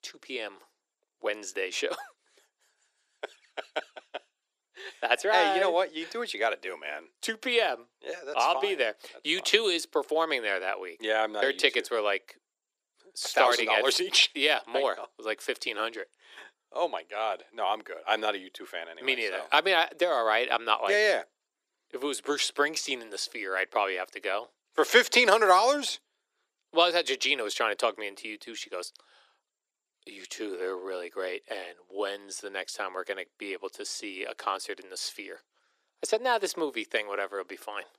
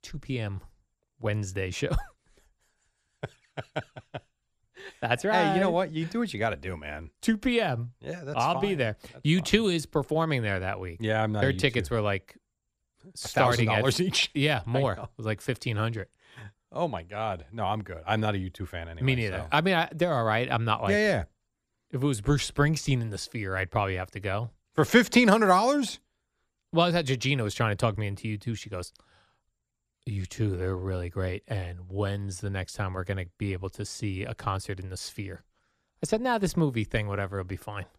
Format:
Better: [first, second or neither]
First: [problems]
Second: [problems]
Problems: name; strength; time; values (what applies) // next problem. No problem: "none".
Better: second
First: thin; very; fading below 350 Hz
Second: none